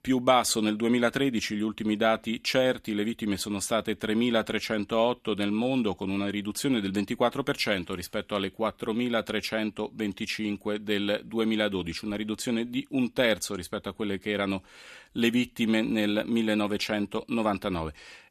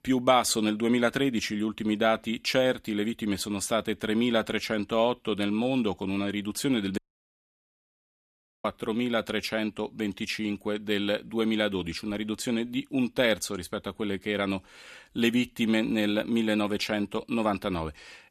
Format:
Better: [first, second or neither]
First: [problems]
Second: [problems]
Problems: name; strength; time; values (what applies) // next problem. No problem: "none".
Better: first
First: none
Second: audio cutting out; at 7 s for 1.5 s